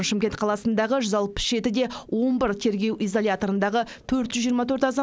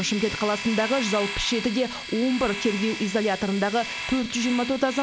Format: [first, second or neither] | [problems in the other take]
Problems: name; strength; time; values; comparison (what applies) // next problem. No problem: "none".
first | background sound (Domestic sounds, home sounds); 8 dB below the speech